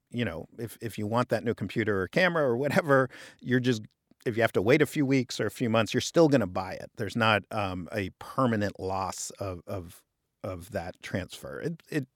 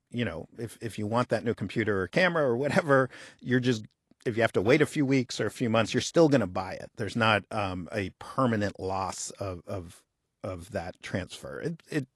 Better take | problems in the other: first | garbled, watery; slightly; nothing above 11.5 kHz

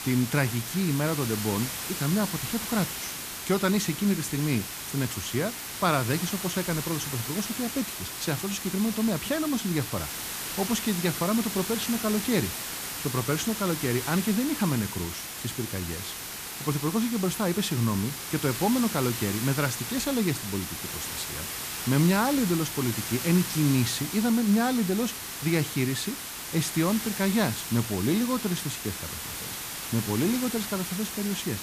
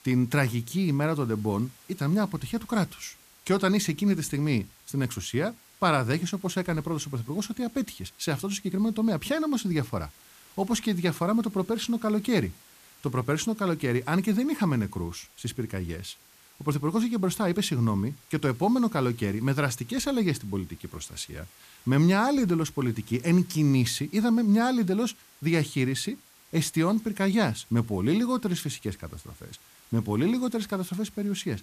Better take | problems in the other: second | hiss; loud; throughout; 5 dB below the speech; faint in the second

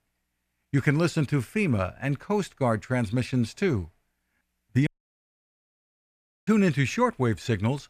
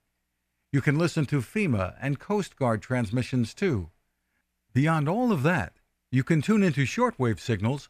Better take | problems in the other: second | audio cutting out; at 5 s for 1.5 s

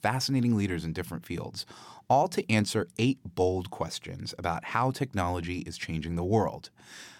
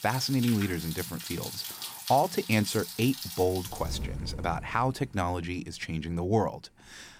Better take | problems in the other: first | rain or running water; loud; throughout; 8 dB below the speech

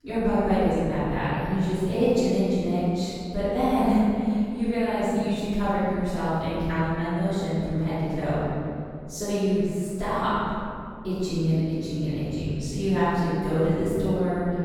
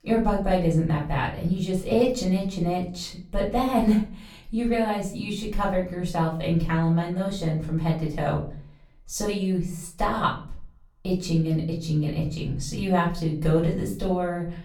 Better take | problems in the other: second | room echo; strong; dies away in 2.3 s; slight in the second // off-mic speech; far; far in the second

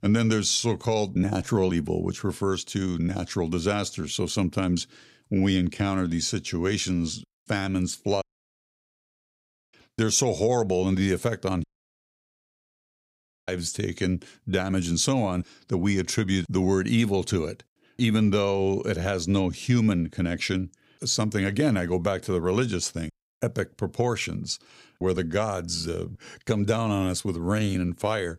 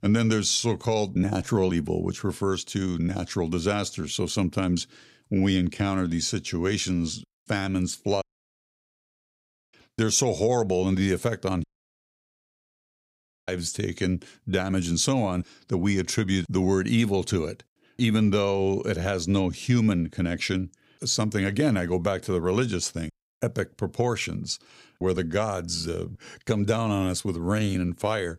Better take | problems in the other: neither | audio cutting out; at 8 s for 1.5 s and at 12 s for 2 s; the same in both

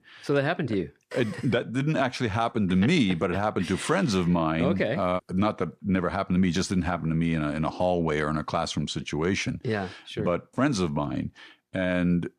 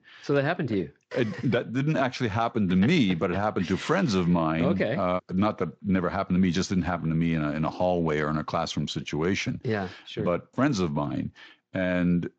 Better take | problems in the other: first | garbled, watery; slightly

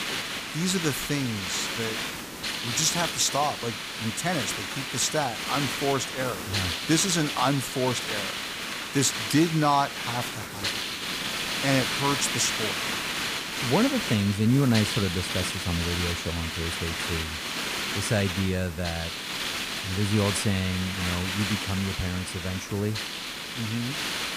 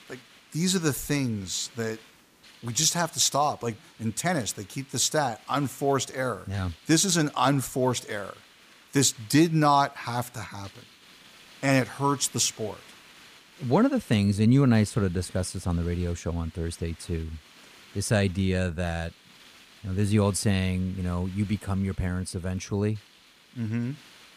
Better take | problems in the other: second | hiss; loud; throughout; 2 dB below the speech; faint in the second

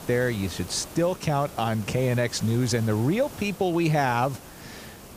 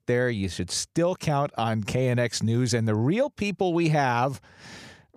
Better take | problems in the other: second | hiss; noticeable; throughout; 15 dB below the speech

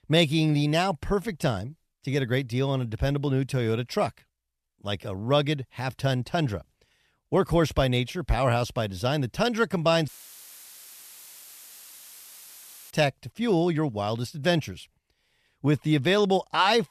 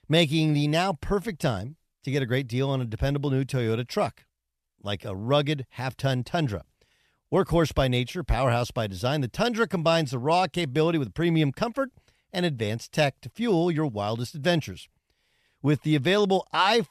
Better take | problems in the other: second | audio cutting out; filled with static; at 10 s for 3 s

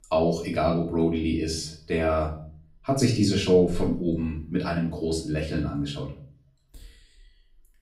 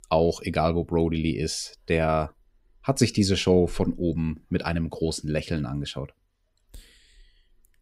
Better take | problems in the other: second | off-mic speech; far // room echo; slight; dies away in 0.4 s

